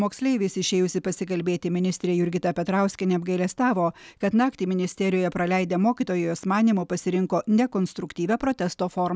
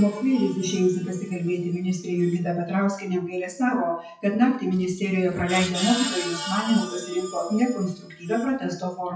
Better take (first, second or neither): first